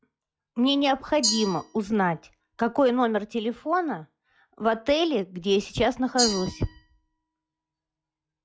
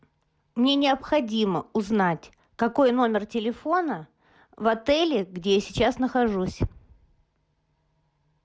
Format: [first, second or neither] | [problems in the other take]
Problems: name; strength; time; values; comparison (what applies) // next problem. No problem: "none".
second | noise reduction (classical method log-MMSE)